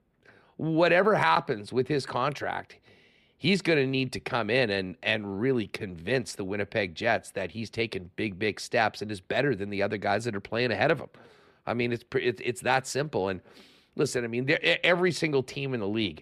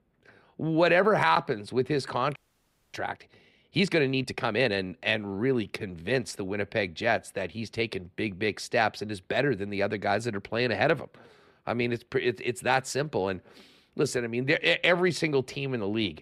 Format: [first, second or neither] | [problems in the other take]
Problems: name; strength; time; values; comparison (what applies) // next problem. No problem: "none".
first | audio freezing; at 2.5 s for 0.5 s